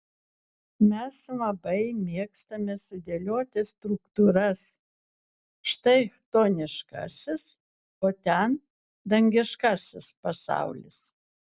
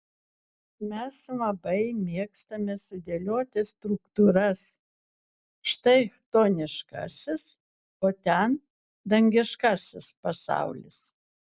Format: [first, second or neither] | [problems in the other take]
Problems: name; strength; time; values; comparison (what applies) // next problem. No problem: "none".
first | noise reduction (neural mask model Resemble Enhance denoiser)